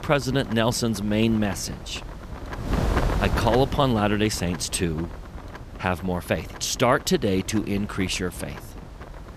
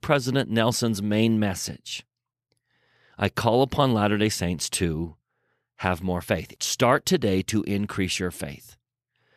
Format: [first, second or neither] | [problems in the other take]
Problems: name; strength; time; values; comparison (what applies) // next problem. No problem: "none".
second | wind noise on the microphone; occasional gusts; 10 dB below the speech